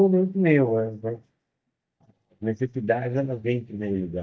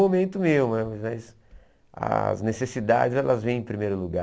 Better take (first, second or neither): second